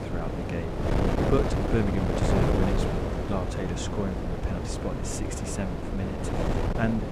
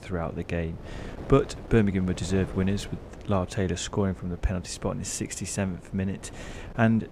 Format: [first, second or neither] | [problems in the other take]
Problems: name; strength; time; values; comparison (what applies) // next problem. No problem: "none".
second | wind noise on the microphone; heavy; 3 dB above the speech; occasional gusts in the second